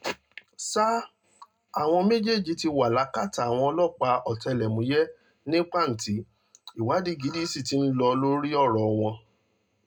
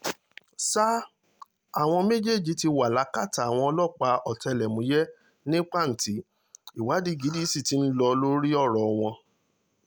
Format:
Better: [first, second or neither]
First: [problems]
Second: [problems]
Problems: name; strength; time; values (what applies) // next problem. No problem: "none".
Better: second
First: room echo; dies away in 0.2 s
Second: none